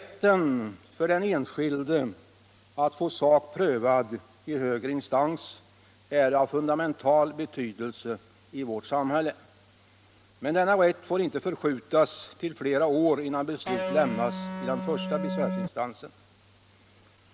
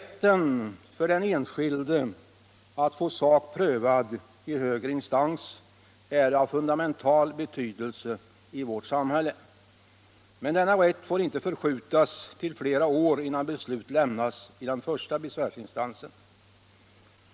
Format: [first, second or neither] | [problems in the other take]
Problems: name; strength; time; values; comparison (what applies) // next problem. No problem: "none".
second | background sound (Electric guitar); 4 dB below the speech